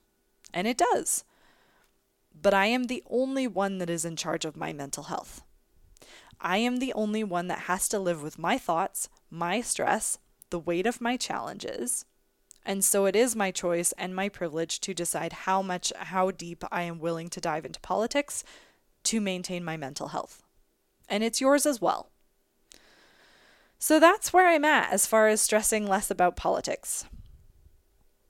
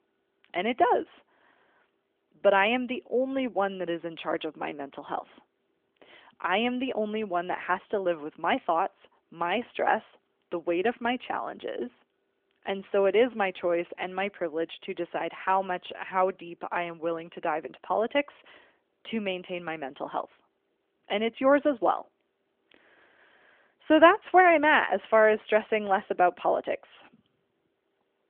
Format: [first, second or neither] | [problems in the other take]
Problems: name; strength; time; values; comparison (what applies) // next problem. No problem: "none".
first | phone-call audio